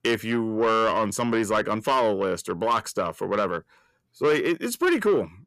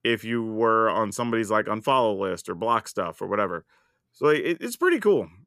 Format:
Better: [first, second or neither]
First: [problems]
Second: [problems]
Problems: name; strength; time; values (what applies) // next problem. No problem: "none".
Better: second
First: distortion; slight; 10 dB below the speech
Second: none